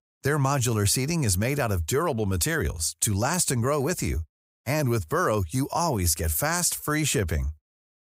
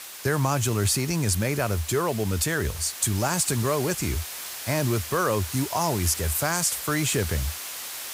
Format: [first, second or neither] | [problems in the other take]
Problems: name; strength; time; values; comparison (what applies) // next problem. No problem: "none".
first | hiss; loud; throughout; 9 dB below the speech